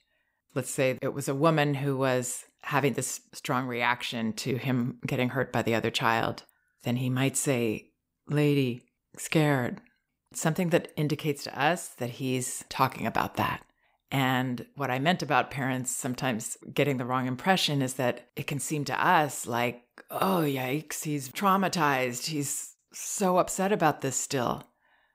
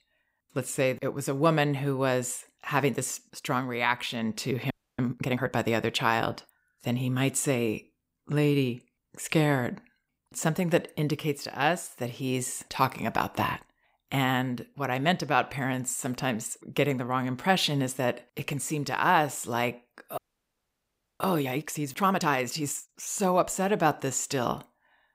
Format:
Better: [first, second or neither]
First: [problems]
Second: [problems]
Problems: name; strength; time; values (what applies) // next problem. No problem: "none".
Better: first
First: none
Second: audio freezing; at 4.5 s and at 20 s for 1 s